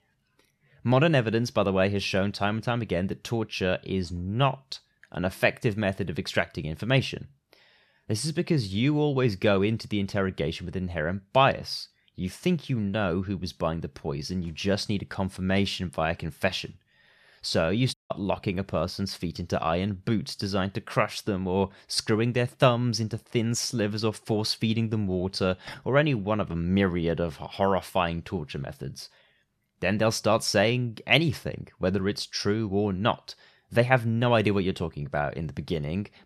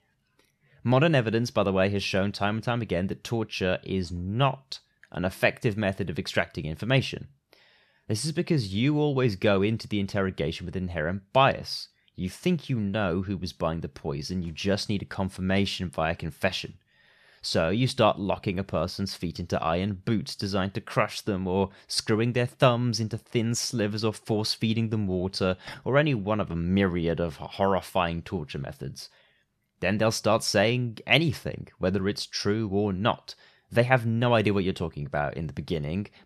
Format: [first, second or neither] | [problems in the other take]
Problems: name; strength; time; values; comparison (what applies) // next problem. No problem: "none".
second | audio cutting out; at 18 s